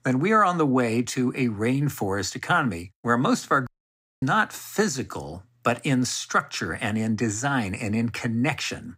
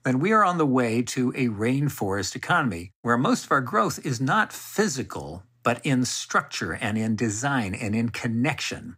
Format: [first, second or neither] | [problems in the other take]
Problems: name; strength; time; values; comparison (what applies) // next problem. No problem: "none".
second | audio cutting out; at 3.5 s for 0.5 s